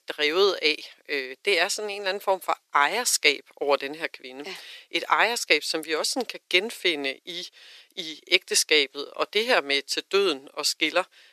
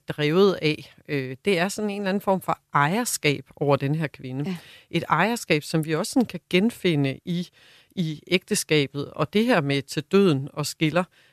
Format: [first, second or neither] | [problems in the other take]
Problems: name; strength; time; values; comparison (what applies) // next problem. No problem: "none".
second | thin; very; fading below 350 Hz